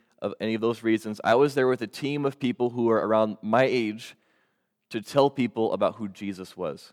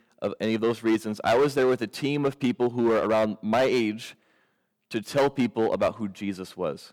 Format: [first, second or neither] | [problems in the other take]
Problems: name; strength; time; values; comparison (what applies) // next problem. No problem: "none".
first | distortion; slight; 6% of the sound clipped